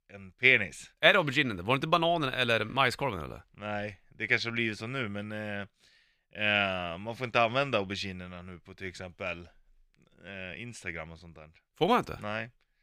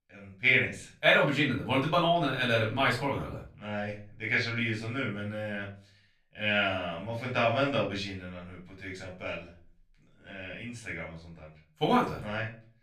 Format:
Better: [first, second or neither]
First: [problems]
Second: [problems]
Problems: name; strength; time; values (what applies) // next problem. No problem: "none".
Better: first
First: none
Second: off-mic speech; far // room echo; slight; dies away in 0.3 s